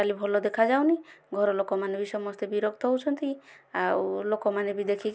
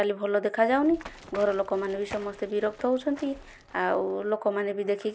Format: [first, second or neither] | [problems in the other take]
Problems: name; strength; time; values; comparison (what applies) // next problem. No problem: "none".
first | background sound (Run); 20 dB below the speech